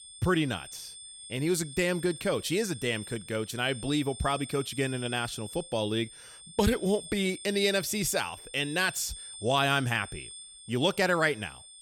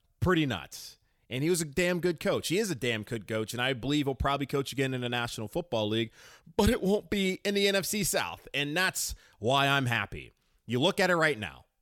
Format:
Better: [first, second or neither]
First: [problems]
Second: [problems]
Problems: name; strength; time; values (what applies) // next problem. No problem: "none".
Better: second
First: high-pitched whine; noticeable; throughout; 8.5 kHz, 15 dB below the speech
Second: none